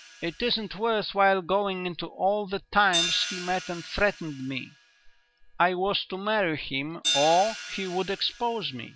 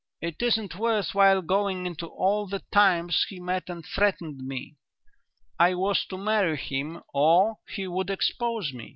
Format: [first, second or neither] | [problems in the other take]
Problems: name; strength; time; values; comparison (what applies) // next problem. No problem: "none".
second | background sound (Hi-hat); 9 dB below the speech